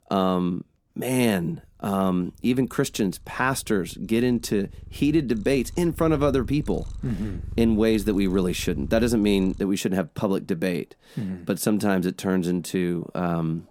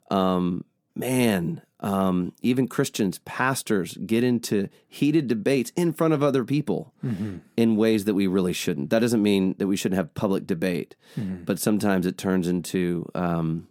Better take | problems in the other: second | animal sounds; noticeable; throughout; 15 dB below the speech

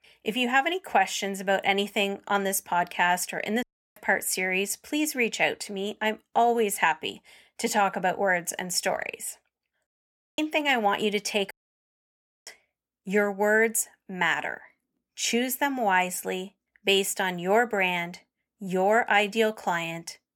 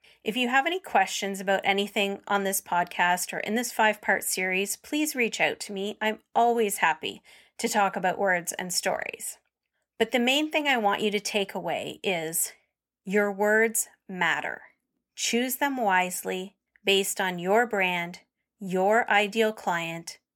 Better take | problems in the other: second | audio cutting out; at 3.5 s, at 10 s for 0.5 s and at 12 s for 1 s

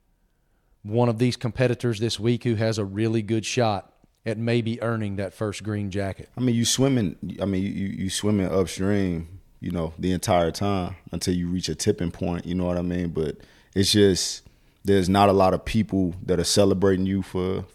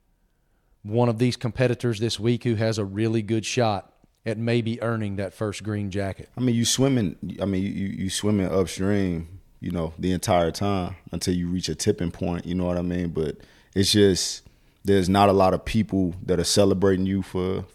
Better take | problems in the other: neither | none

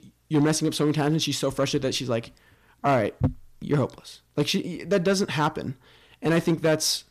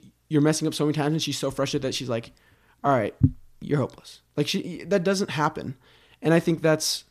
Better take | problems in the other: second | distortion; slight; 4% of the sound clipped

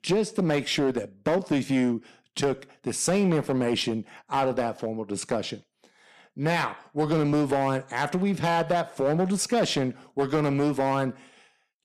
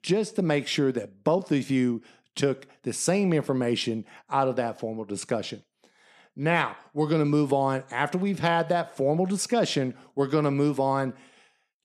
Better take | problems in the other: second | distortion; slight; 7% of the sound clipped

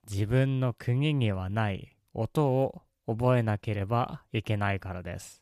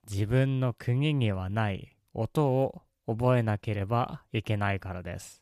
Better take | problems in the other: neither | none

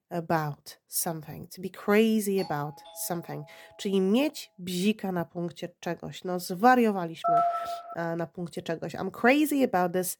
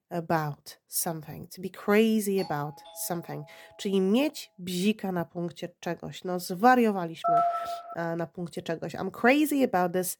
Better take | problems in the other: neither | doorbell; faint; from 2.5 to 4 s; peak 15 dB below the speech; the same in both // phone ringing; loud; at 7 s; peak 3 dB above the speech; the same in both

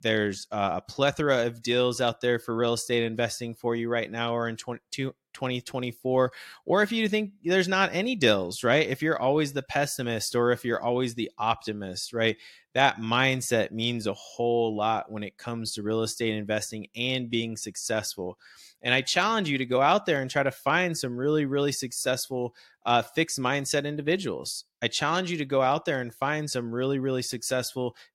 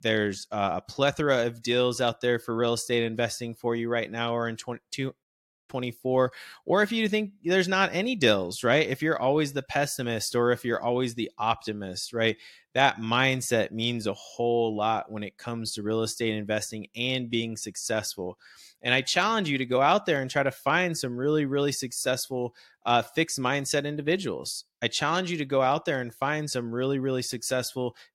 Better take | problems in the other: first | audio cutting out; at 5 s

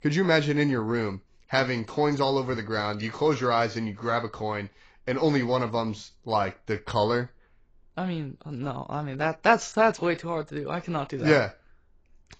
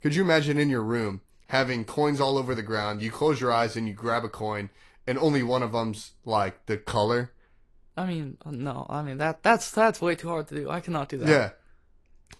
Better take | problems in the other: second | garbled, watery; badly; nothing above 7.5 kHz; slightly in the second

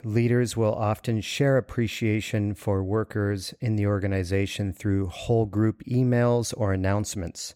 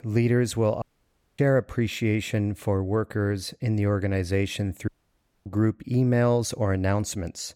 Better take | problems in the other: first | audio cutting out; at 1 s for 0.5 s and at 5 s for 0.5 s

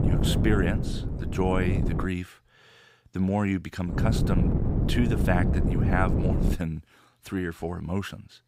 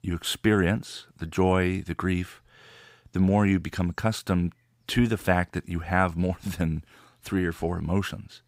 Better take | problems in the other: second | wind noise on the microphone; heavy; until 2 s and from 4 to 6.5 s; 4 dB below the speech

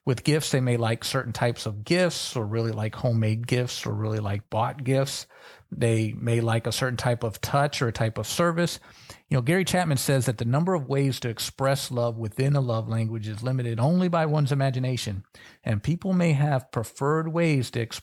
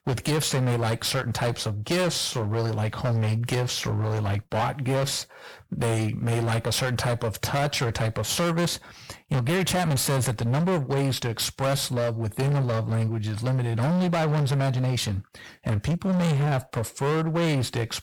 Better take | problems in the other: first | distortion; heavy; 23% of the sound clipped

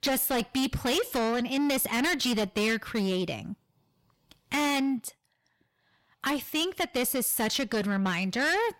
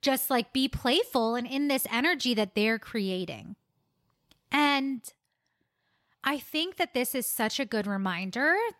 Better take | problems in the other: second | distortion; heavy; 7 dB below the speech

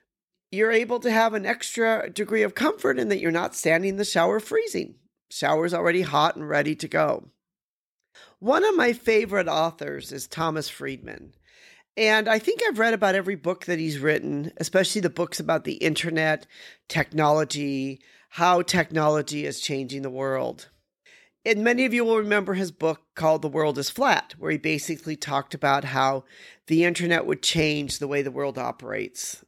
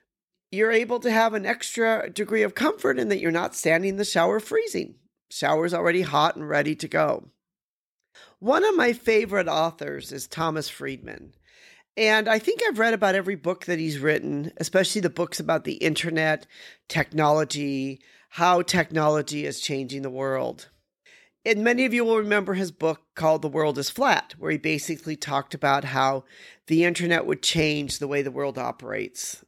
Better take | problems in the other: neither | none

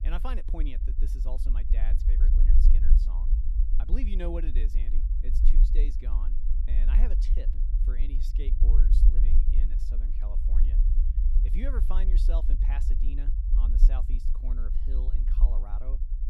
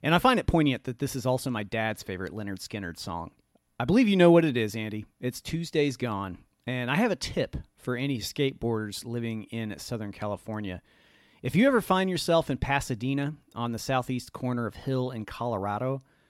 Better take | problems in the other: second | low rumble; loud; throughout; 4 dB below the speech

